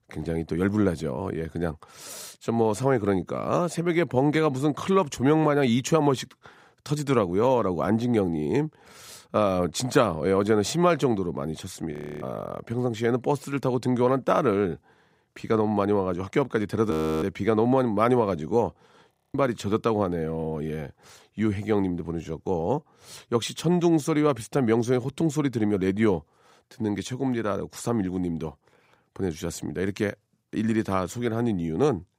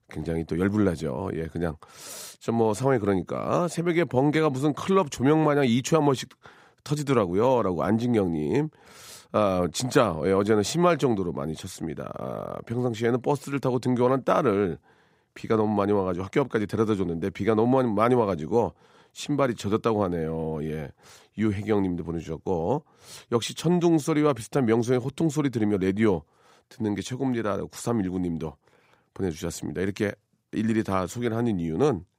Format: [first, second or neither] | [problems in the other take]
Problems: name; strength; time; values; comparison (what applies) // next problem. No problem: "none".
second | audio freezing; at 12 s, at 17 s and at 19 s